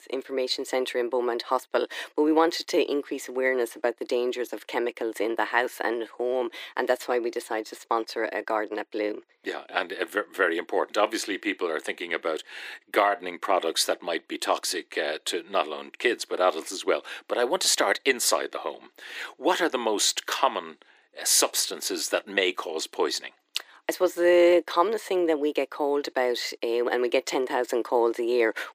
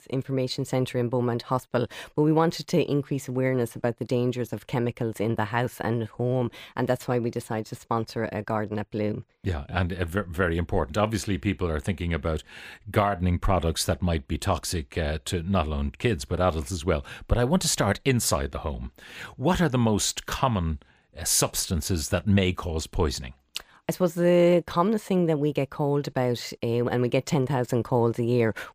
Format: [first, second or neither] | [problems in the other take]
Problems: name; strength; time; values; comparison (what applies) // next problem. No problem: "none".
second | thin; very; fading below 300 Hz